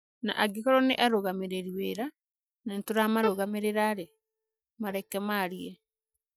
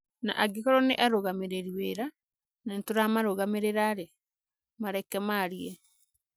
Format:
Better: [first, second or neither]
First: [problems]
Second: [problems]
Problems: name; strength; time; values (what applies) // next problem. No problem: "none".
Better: second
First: noise reduction (neural mask model DeepFilterNet 3)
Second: none